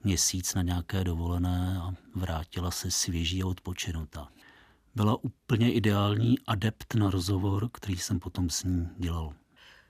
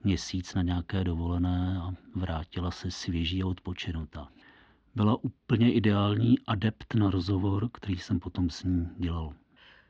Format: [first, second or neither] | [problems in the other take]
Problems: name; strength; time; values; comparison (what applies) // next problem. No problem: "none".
first | muffled; slightly; fading above 4 kHz